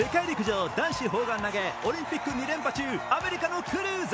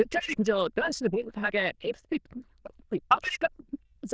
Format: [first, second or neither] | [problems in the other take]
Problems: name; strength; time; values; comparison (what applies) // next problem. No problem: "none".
first | noise reduction (neural diffusion model UNIVERSE++)